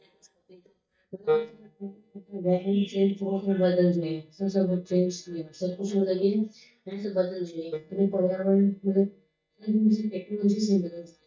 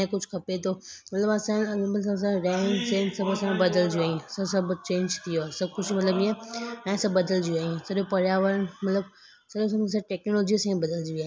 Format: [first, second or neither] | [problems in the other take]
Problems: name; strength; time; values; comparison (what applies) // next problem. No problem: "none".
second | noise reduction (neural mask model DeepFilterNet 3)